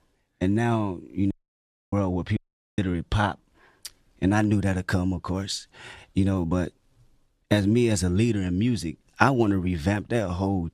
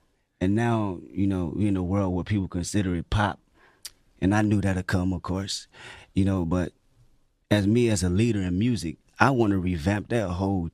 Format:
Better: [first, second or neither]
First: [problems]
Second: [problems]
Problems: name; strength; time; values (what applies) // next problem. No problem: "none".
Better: second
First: audio cutting out; at 1.5 s for 0.5 s and at 2.5 s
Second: none